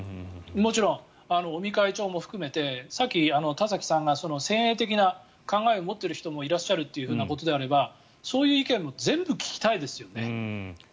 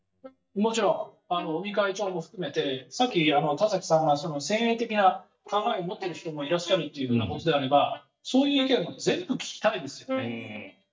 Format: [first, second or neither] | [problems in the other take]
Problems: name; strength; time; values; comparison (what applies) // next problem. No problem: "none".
first | noise reduction (neural mask model DeepFilterNet 3)